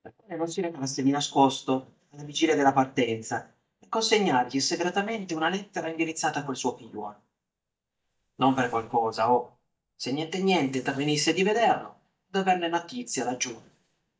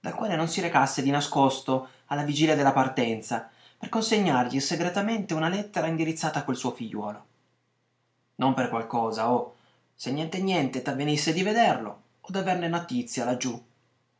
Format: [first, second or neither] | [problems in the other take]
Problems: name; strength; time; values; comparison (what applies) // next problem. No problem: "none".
second | noise reduction (neural mask model DeepFilterNet 3)